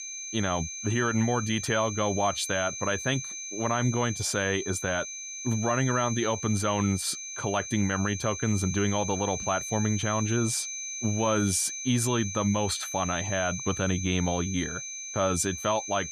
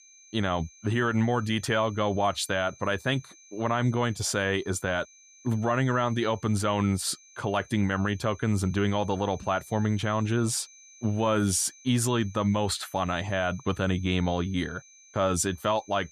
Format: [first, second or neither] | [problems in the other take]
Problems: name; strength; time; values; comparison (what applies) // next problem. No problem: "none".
second | high-pitched whine; loud; throughout; 6.5 kHz, 6 dB below the speech; faint in the second